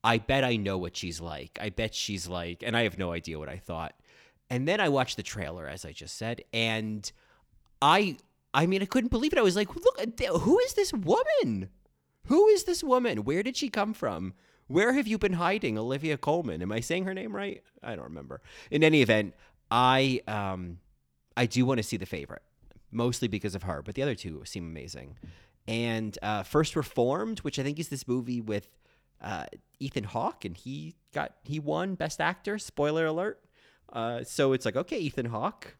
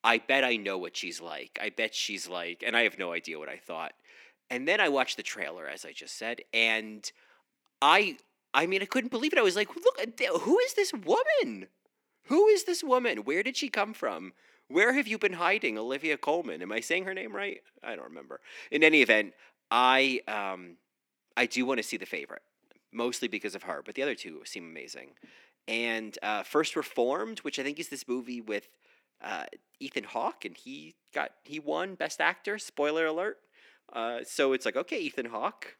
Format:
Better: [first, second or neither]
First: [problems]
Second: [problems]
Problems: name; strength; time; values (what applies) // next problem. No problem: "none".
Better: first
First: none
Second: thin; very slightly; fading below 250 Hz